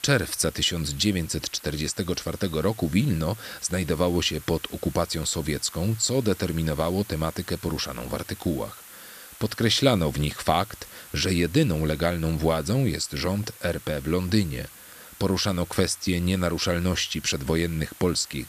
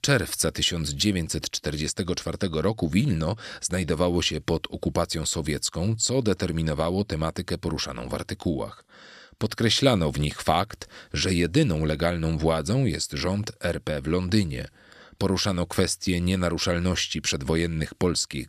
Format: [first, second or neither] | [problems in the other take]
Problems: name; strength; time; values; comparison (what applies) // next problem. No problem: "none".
second | hiss; noticeable; throughout; 20 dB below the speech